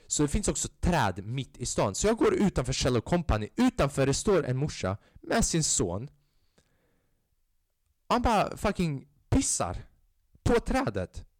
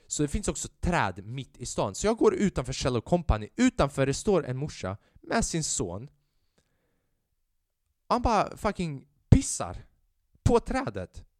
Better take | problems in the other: second | distortion; heavy; 6% of the sound clipped

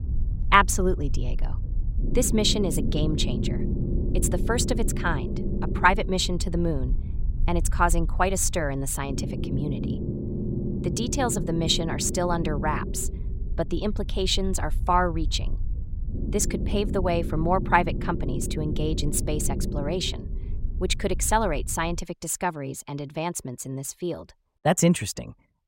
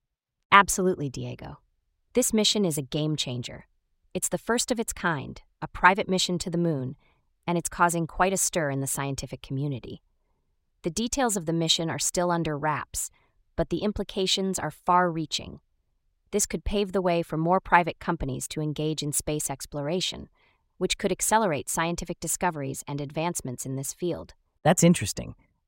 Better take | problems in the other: second | low rumble; noticeable; until 22 s; 15 dB below the speech

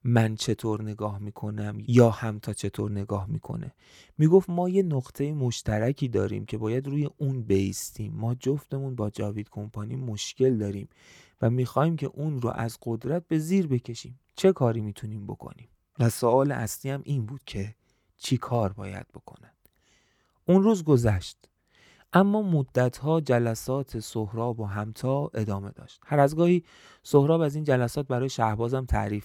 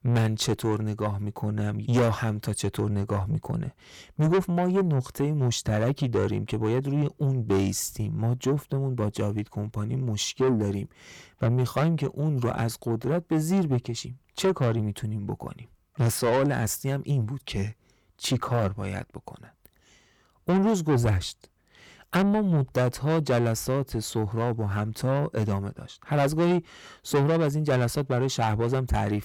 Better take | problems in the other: first | distortion; heavy; 7 dB below the speech

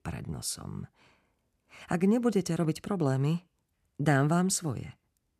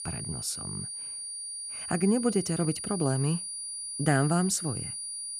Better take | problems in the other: first | high-pitched whine; loud; throughout; 9.5 kHz, 6 dB below the speech

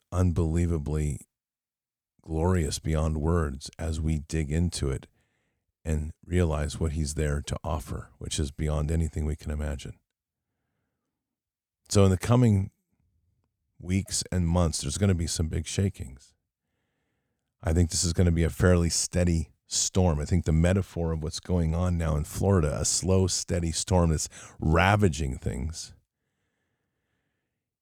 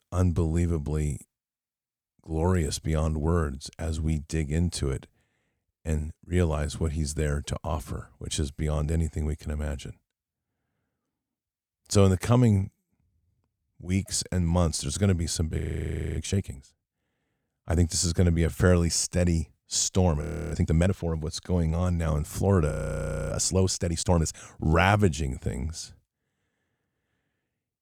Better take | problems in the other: first | audio freezing; at 16 s for 0.5 s, at 20 s and at 23 s for 0.5 s

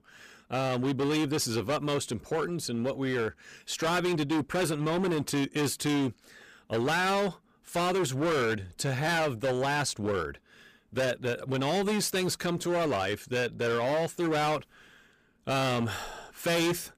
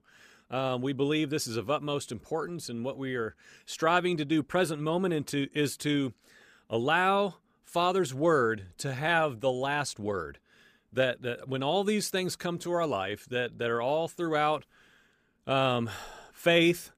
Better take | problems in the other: second | distortion; heavy; 20% of the sound clipped

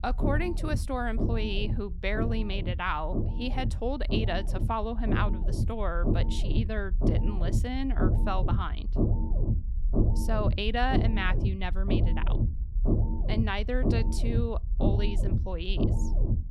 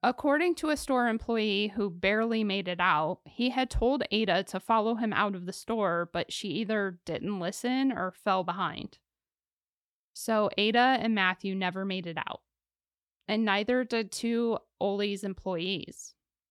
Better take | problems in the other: second | low rumble; loud; throughout; 6 dB below the speech

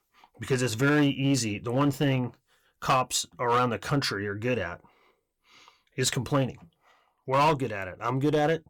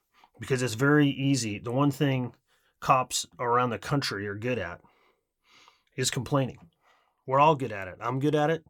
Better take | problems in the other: second | distortion; slight; 4% of the sound clipped

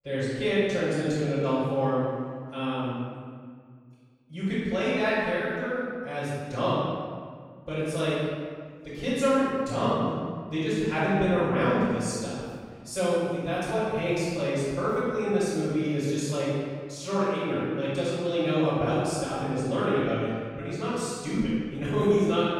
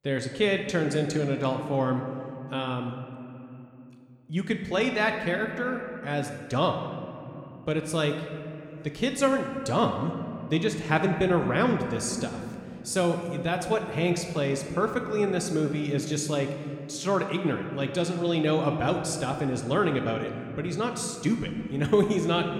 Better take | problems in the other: second | room echo; strong; dies away in 1.7 s; slight in the second // off-mic speech; far

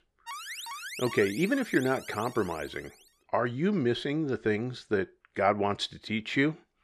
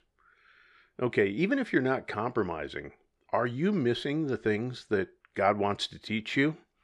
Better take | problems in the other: second | alarm; noticeable; until 3 s; peak 8 dB below the speech

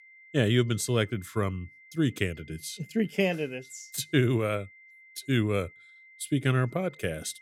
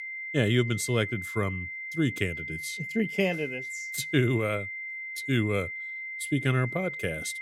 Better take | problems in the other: first | high-pitched whine; loud; throughout; 2 kHz, 6 dB below the speech; faint in the first

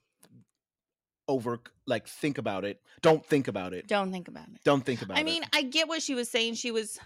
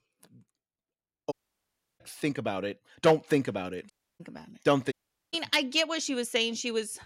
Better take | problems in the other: first | audio cutting out; at 1.5 s for 0.5 s, at 4 s and at 5 s

